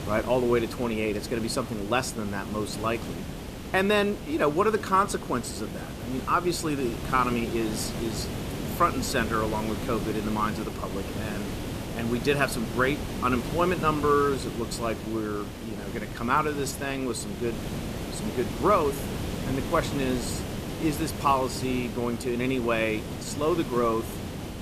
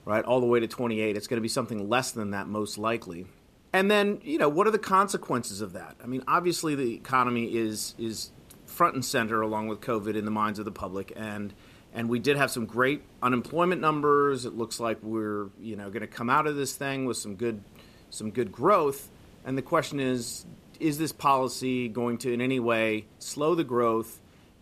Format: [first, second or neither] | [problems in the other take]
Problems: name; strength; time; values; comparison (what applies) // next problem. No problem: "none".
second | hiss; loud; throughout; 7 dB below the speech; faint in the second